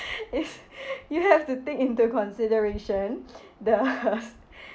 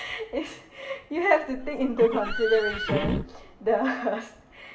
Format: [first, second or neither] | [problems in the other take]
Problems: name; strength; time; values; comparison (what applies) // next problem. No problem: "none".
first | background sound (Livestock, farm animals, working animals); 5 dB below the speech // room echo; dies away in 0.7 s